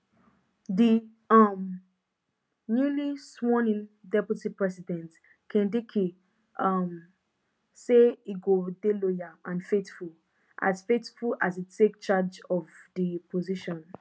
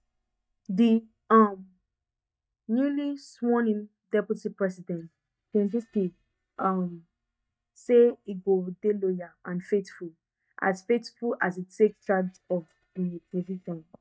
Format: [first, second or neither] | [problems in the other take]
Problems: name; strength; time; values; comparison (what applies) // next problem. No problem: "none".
first | noise reduction (neural mask model DeepFilterNet 3)